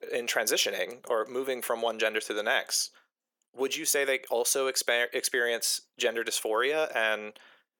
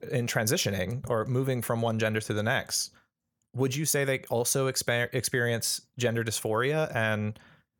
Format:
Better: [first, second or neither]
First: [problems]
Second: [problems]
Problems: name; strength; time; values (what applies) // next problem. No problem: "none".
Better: second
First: thin; very; fading below 350 Hz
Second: none